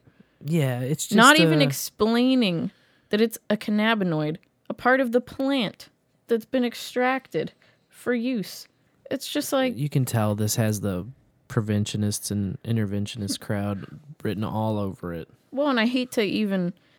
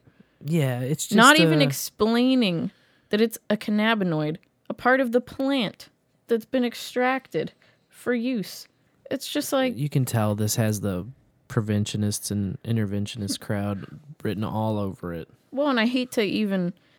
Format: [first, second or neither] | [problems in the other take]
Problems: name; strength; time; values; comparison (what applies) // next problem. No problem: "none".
neither | none